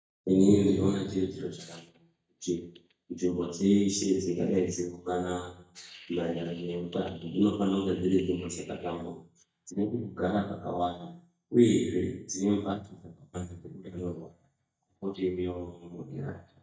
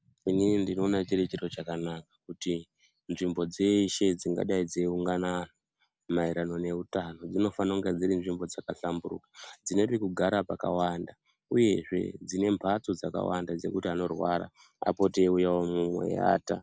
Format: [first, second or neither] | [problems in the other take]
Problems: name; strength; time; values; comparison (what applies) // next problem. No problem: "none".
second | noise reduction (neural mask model DeepFilterNet 3)